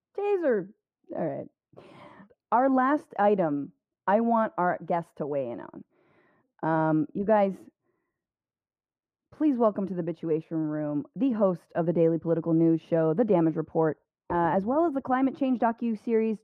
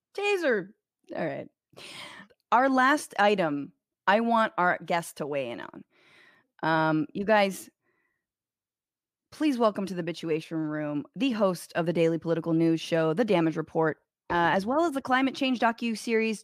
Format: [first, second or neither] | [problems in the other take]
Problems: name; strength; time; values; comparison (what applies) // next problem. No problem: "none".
second | muffled; very; fading above 2 kHz